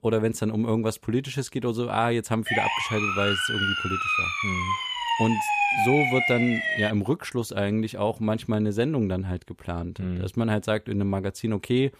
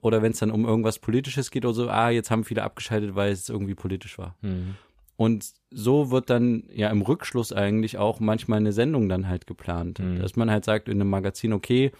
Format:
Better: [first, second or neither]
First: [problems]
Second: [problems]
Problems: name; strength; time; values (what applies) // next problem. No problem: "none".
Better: second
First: siren; loud; from 2.5 to 7 s; peak 5 dB above the speech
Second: none